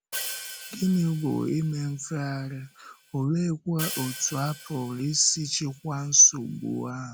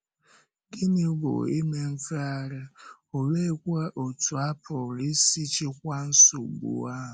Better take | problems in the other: second | background sound (Hi-hat); 14 dB below the speech

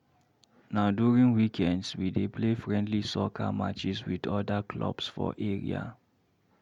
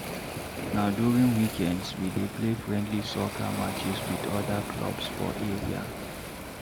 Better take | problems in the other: first | background sound (Waves, surf); 6 dB below the speech

